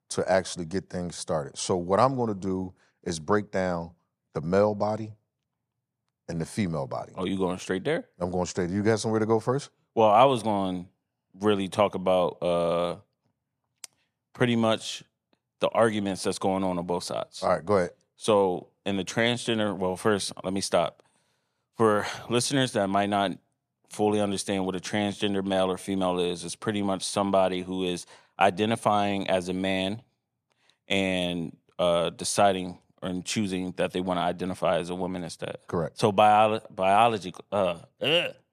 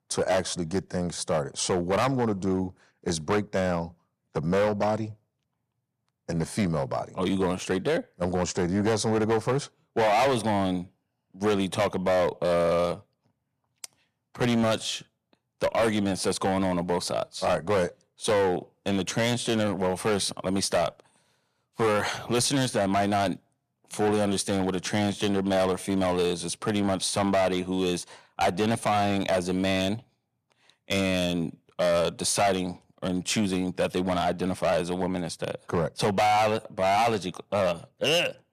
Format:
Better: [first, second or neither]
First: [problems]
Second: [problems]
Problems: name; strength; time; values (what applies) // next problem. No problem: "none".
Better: first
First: none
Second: distortion; heavy; 9% of the sound clipped